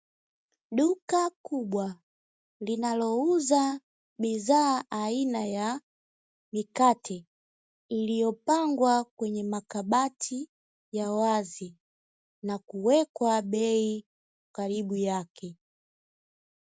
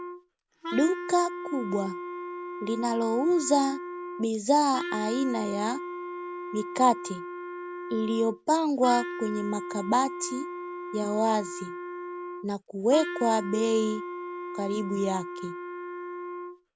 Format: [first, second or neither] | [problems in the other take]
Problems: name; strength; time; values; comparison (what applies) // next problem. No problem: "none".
first | background sound (Wind instrument, woodwind instrument); 8 dB below the speech